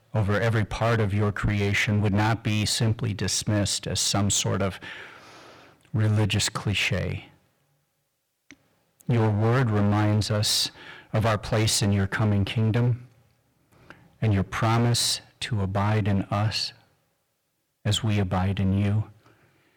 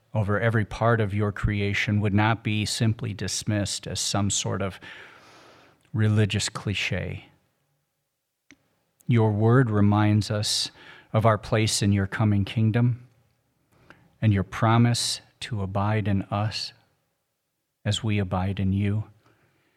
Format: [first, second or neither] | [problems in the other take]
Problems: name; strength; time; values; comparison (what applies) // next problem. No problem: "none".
second | distortion; heavy; 13% of the sound clipped